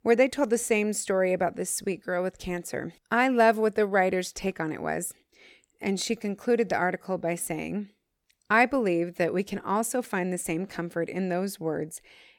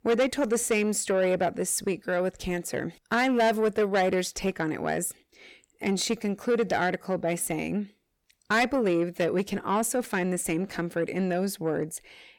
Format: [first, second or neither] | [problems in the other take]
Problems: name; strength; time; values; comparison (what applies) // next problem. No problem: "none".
first | distortion; slight; 10 dB below the speech